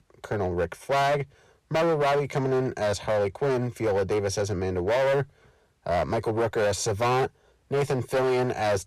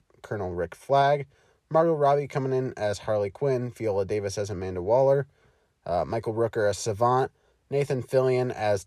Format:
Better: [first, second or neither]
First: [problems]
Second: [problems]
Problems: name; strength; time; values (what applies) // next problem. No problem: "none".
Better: second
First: distortion; heavy; 18% of the sound clipped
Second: none